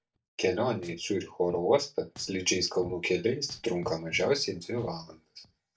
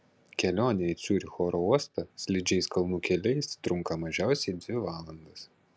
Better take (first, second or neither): second